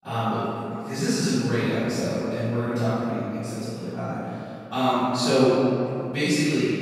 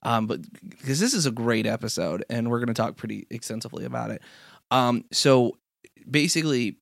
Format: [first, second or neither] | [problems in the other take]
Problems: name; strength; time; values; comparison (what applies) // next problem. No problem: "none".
second | off-mic speech; far // room echo; strong; dies away in 2.7 s